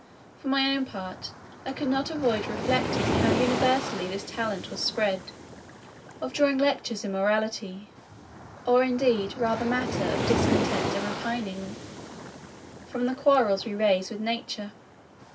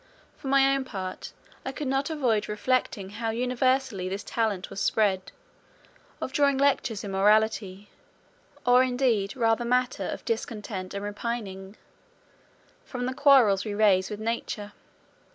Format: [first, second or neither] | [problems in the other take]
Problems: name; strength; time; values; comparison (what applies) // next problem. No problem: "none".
second | background sound (Waves, surf); 5 dB below the speech // room echo; dies away in 0.2 s